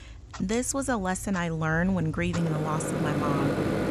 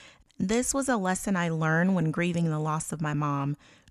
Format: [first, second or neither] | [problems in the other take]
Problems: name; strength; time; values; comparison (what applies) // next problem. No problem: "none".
second | household noises; loud; throughout; 2 dB below the speech